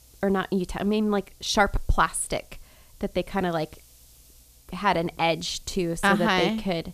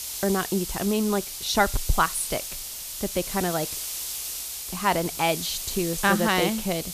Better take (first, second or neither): first